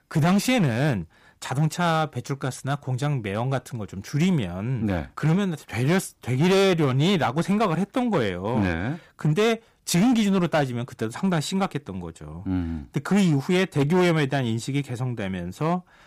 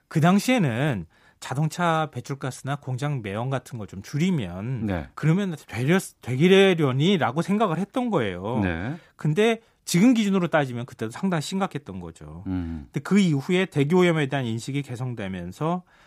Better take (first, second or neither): second